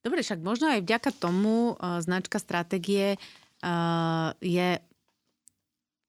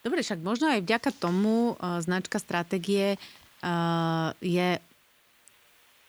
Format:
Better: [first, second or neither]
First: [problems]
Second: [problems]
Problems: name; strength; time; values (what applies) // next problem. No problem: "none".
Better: first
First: none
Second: hiss; faint; throughout; 30 dB below the speech